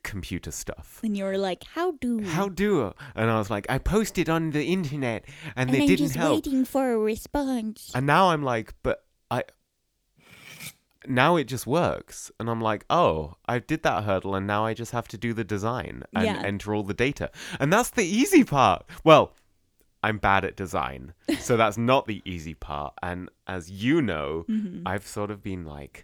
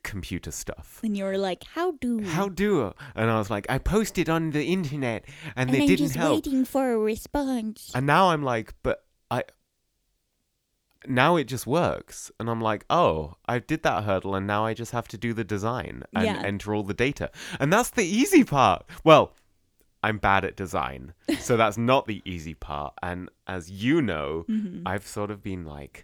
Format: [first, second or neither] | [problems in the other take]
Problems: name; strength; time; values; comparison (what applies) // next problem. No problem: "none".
second | clattering dishes; faint; at 10 s; peak 15 dB below the speech